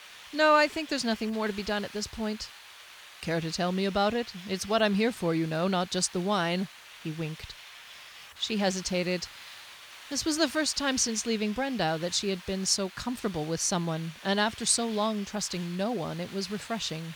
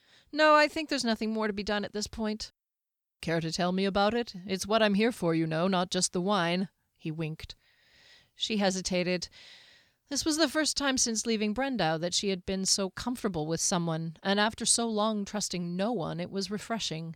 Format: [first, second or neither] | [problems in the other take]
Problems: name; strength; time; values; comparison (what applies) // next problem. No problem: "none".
second | hiss; noticeable; throughout; 15 dB below the speech